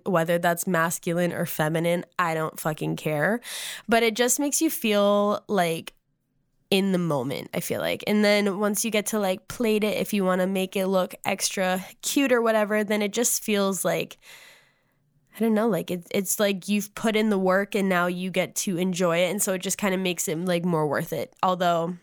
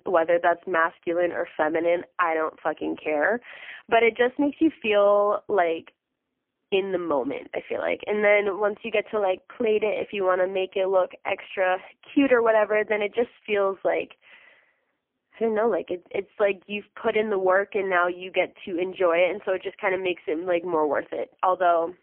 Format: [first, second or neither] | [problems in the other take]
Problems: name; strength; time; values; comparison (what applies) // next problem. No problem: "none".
first | phone-call audio; poor line; nothing above 3 kHz